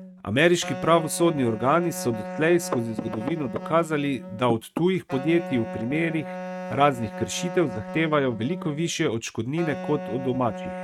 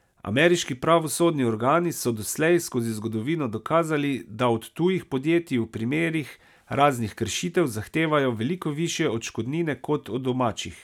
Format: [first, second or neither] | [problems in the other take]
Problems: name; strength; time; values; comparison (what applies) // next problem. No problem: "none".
second | noise reduction (neural mask model RNNoise)